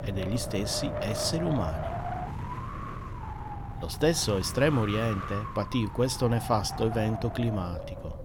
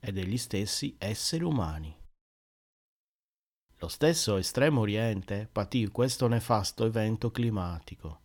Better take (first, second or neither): second